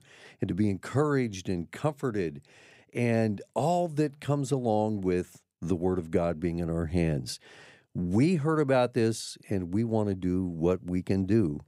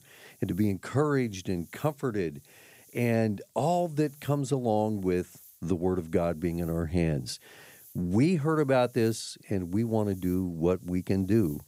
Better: first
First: none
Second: hiss; faint; throughout; 25 dB below the speech

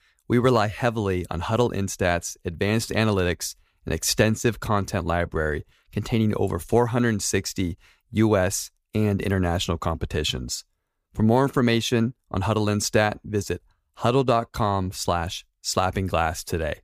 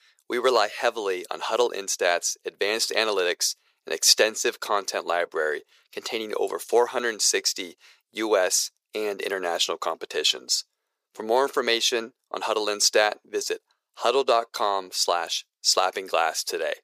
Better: first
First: none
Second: thin; very; fading below 400 Hz

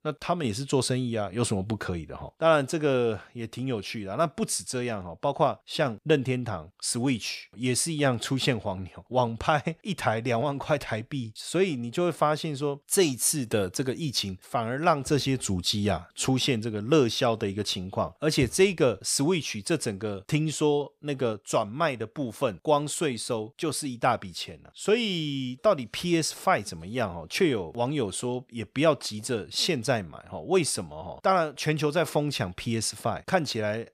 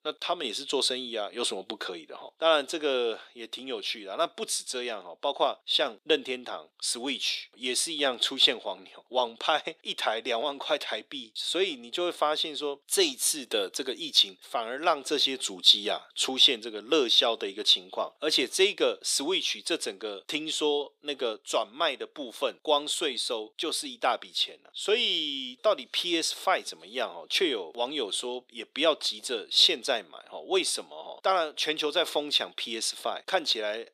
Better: first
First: none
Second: thin; somewhat; fading below 300 Hz

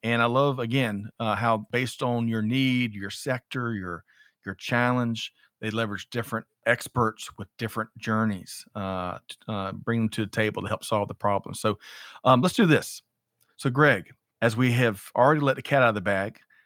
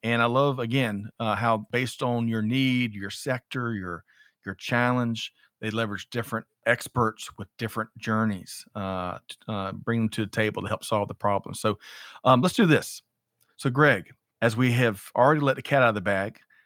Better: neither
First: none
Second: none

